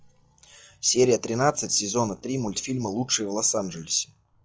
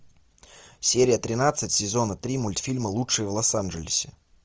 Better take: second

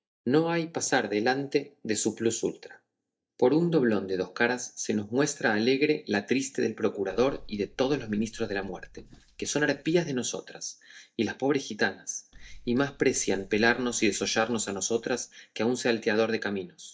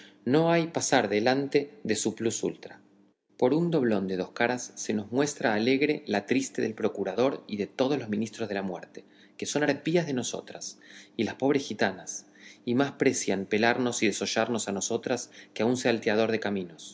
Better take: second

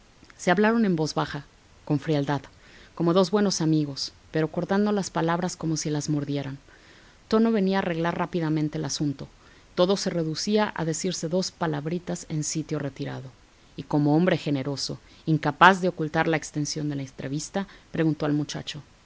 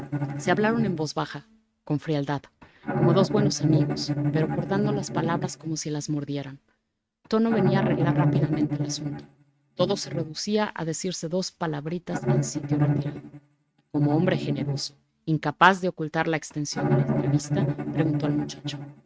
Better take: first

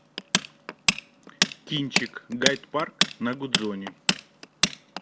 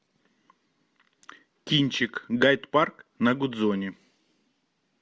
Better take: second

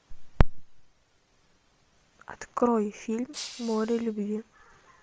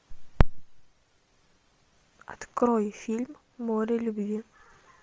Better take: second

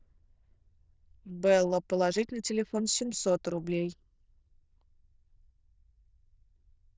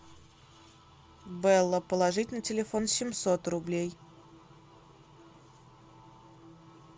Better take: second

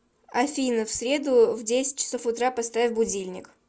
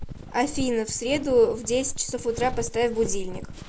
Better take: first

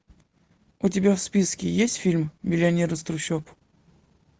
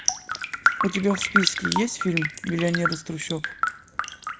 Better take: first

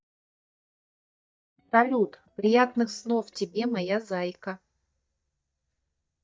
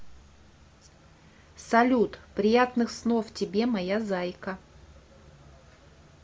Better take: second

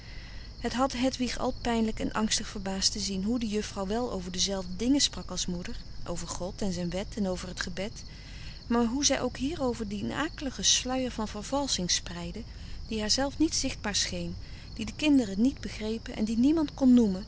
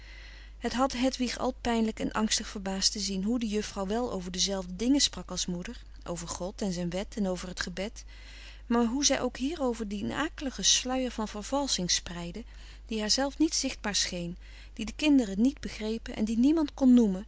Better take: second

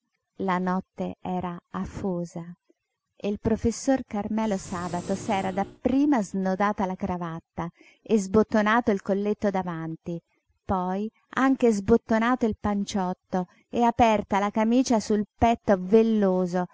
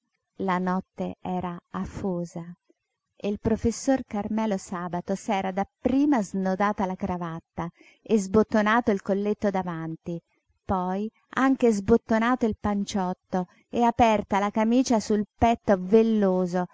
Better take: second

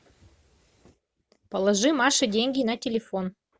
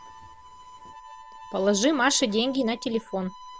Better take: first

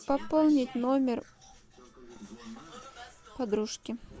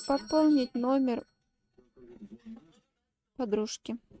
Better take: first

